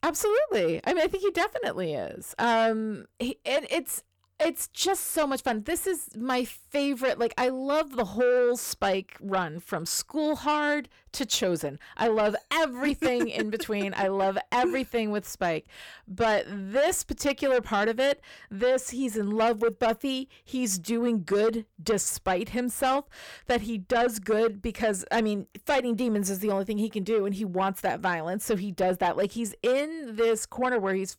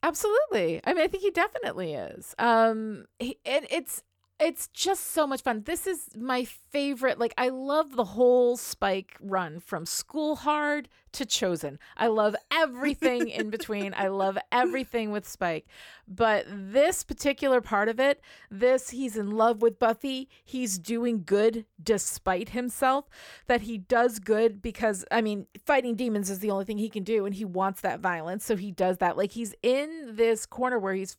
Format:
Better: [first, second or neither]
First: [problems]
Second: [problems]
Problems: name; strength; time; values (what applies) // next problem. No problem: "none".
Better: second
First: distortion; slight; 10 dB below the speech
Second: none